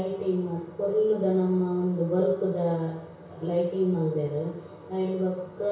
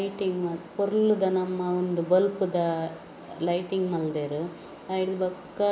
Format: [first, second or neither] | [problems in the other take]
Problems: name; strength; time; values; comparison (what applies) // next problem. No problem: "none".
second | room echo; dies away in 0.6 s